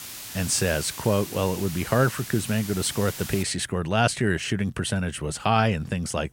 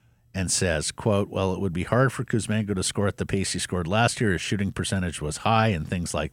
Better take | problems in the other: second | hiss; noticeable; until 3.5 s; 10 dB below the speech

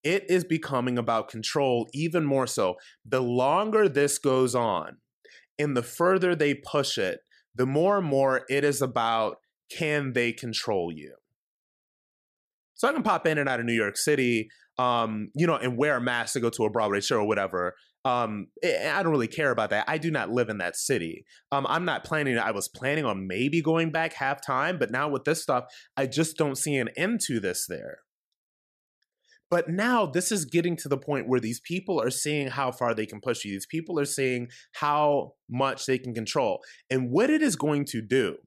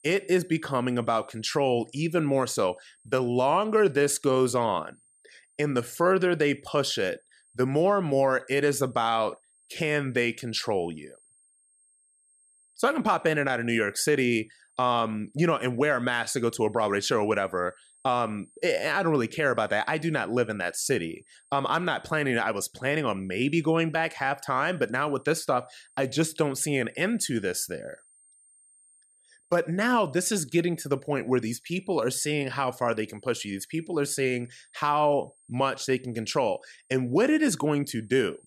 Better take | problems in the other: first | high-pitched whine; faint; throughout; 8.5 kHz, 35 dB below the speech

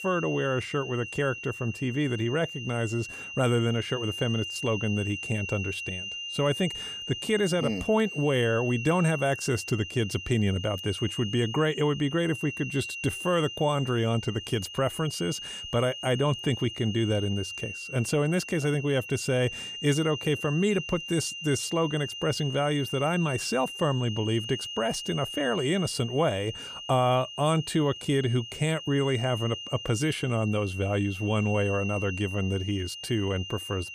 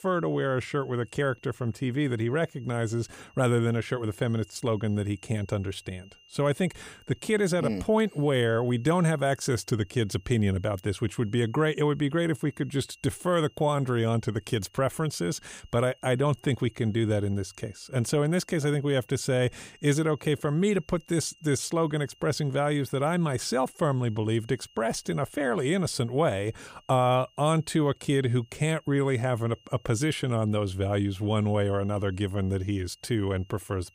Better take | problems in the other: second | high-pitched whine; loud; throughout; 3 kHz, 8 dB below the speech; faint in the second

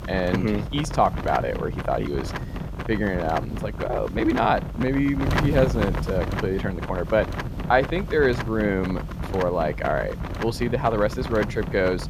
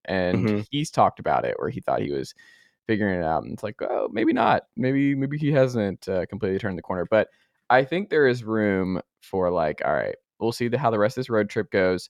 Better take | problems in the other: second | wind noise on the microphone; heavy; 9 dB below the speech

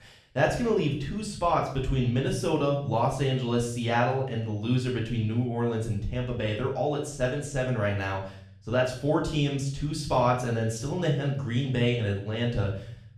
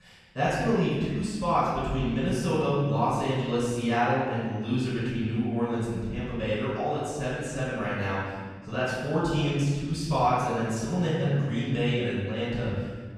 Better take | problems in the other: first | room echo; strong; dies away in 1.4 s; slight in the first // off-mic speech; far; far in the first

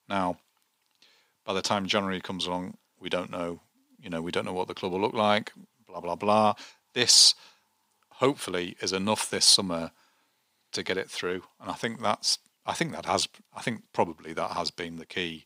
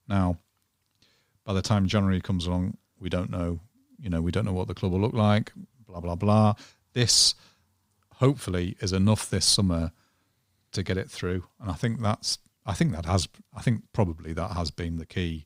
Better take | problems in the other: second | thin; somewhat; fading below 350 Hz

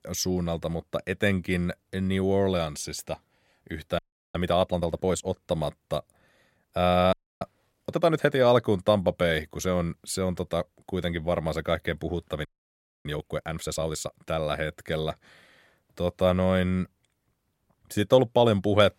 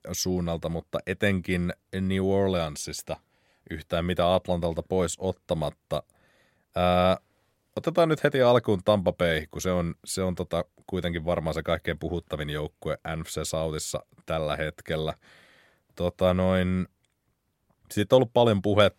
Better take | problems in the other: second | audio freezing; at 4 s, at 7 s and at 12 s for 0.5 s

